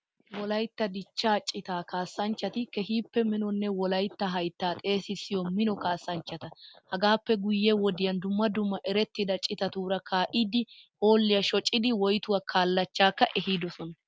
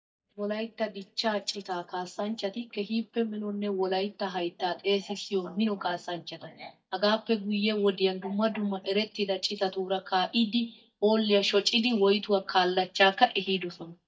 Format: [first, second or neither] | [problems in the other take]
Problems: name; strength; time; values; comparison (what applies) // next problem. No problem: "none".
first | noise reduction (neural mask model DeepFilterNet 3)